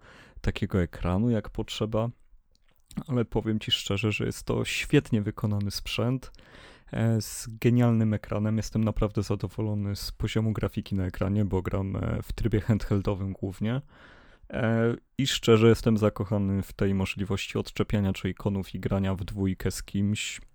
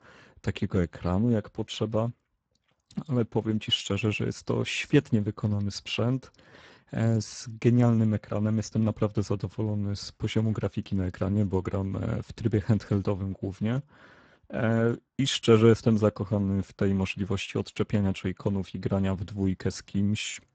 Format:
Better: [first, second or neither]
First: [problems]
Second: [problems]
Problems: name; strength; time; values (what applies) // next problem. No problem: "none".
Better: first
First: none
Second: garbled, watery; badly; nothing above 7.5 kHz